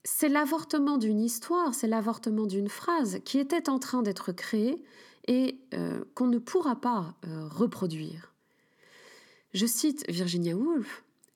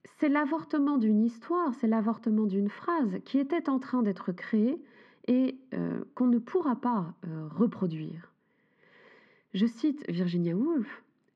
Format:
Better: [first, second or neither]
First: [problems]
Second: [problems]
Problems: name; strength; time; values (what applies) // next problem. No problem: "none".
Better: first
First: none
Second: muffled; very; fading above 3 kHz